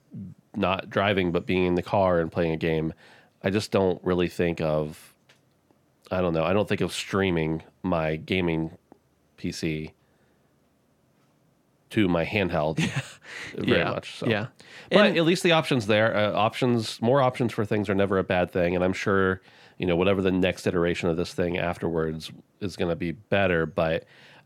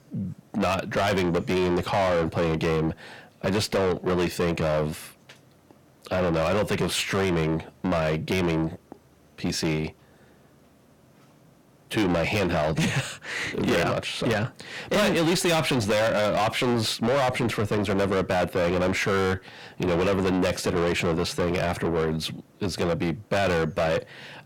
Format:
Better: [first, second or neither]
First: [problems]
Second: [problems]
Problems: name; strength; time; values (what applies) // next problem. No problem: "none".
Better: first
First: none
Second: distortion; heavy; 6 dB below the speech